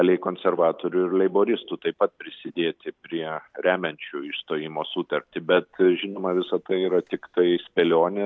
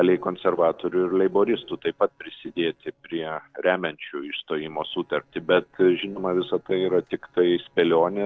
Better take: first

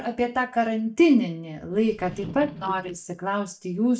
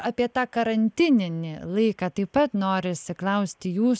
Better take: second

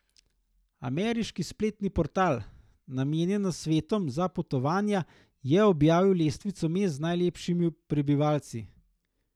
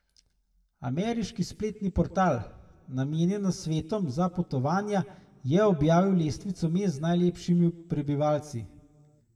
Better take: first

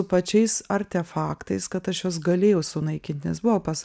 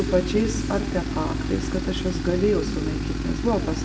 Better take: first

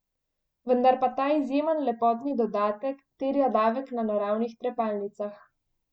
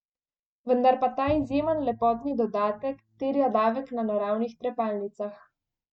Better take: first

